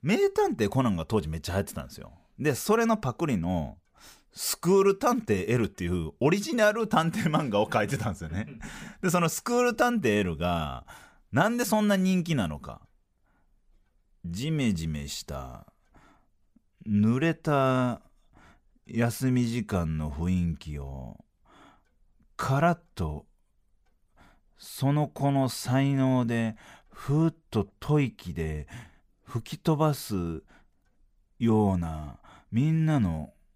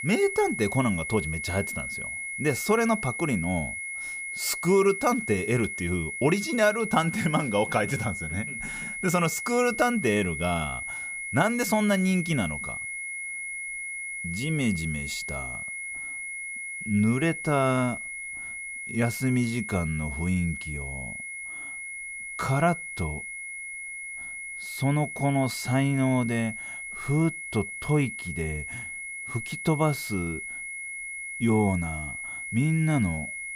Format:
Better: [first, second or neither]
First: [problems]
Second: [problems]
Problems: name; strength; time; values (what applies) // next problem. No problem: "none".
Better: first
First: none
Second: high-pitched whine; loud; throughout; 2 kHz, 6 dB below the speech